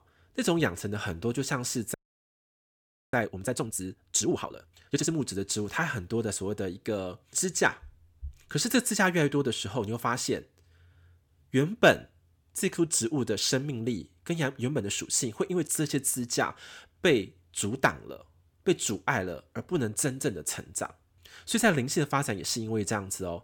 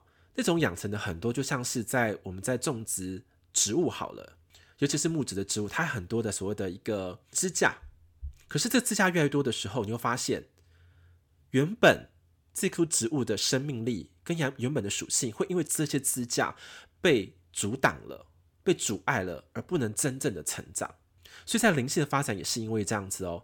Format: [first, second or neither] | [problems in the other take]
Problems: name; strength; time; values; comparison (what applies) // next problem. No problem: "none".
second | audio freezing; at 2 s for 1 s